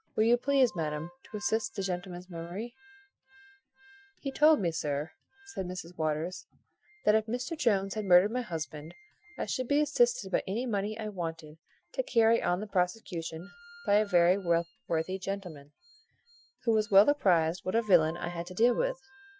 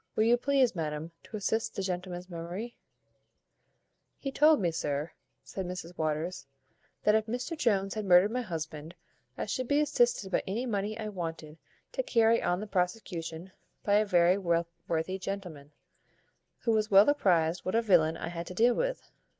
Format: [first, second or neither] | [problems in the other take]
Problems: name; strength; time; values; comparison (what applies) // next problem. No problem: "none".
second | noise reduction (classical method Wiener filter)